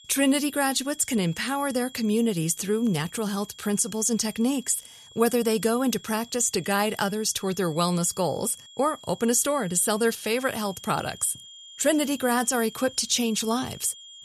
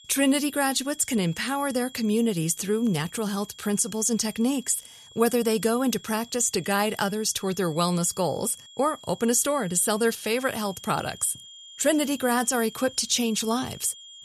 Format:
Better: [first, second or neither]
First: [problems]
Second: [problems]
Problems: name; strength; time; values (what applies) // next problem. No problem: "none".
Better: neither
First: high-pitched whine; faint; throughout; 3 kHz, 20 dB below the speech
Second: high-pitched whine; faint; throughout; 3 kHz, 20 dB below the speech